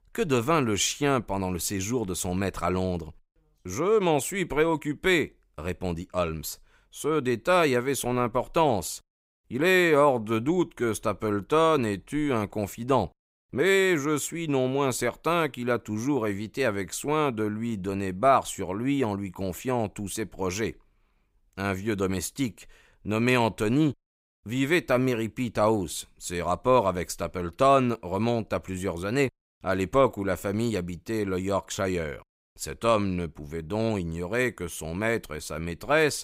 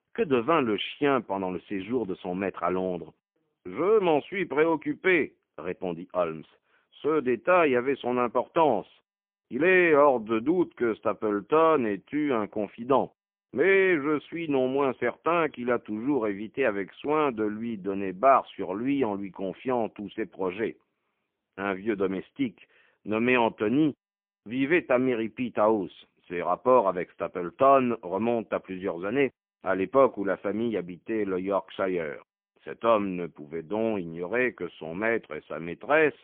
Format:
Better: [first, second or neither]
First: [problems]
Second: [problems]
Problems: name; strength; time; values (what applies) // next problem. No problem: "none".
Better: first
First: none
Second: phone-call audio; poor line; nothing above 3.5 kHz